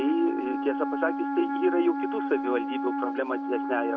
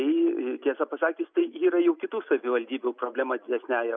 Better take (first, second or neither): second